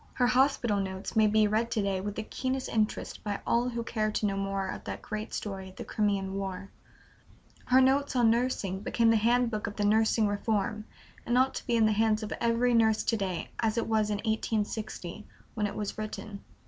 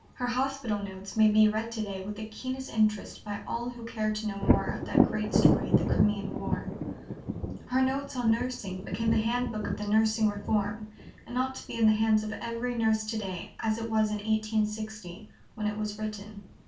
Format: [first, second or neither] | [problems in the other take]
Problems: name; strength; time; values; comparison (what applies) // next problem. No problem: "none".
first | background sound (Thunder); 4 dB below the speech // room echo; dies away in 0.3 s